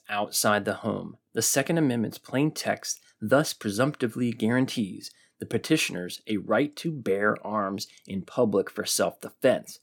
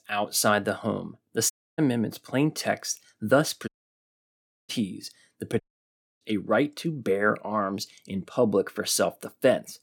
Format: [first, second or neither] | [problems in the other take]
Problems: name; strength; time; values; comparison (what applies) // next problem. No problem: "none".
first | audio cutting out; at 1.5 s, at 3.5 s for 1 s and at 5.5 s for 0.5 s